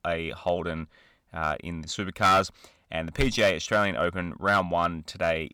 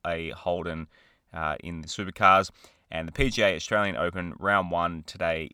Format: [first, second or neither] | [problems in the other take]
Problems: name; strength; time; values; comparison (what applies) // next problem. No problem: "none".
second | distortion; slight; 1.8% of the sound clipped